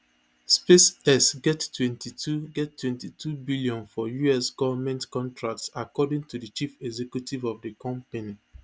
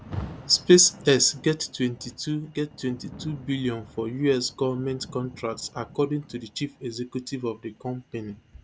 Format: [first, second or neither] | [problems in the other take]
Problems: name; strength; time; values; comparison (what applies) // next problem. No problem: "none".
first | background sound (Rain); 18 dB below the speech